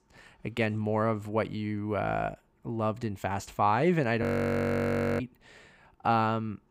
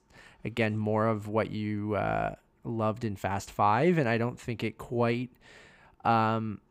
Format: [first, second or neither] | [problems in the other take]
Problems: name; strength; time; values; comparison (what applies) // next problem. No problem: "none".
second | audio freezing; at 4 s for 1 s